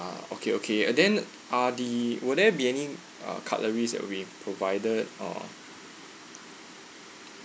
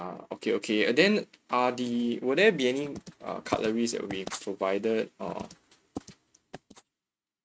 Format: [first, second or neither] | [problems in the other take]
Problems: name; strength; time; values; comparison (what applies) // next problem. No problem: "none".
first | noise reduction (neural mask model RNNoise)